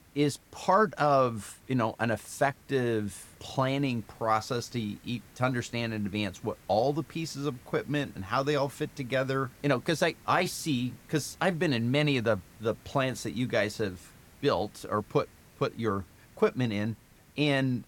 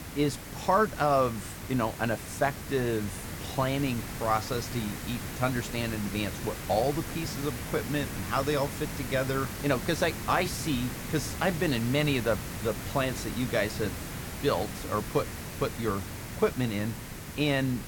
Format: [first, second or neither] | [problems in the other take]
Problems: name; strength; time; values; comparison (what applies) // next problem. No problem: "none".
first | hiss; loud; throughout; 7 dB below the speech; faint in the first